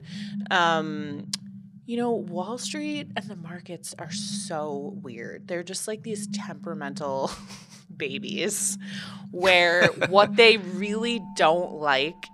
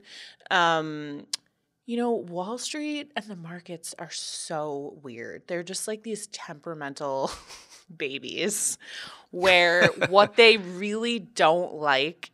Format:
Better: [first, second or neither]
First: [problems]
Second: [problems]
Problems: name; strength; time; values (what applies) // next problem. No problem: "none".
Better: second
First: alarms or sirens; noticeable; throughout; 15 dB below the speech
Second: none